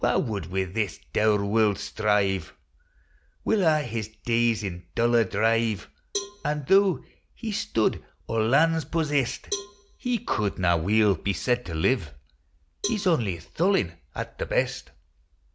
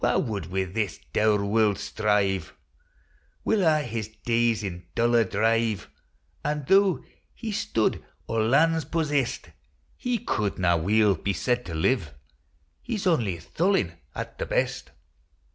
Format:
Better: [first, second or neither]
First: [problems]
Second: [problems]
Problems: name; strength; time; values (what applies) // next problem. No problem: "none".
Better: second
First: background sound (Cowbell); 15 dB below the speech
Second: none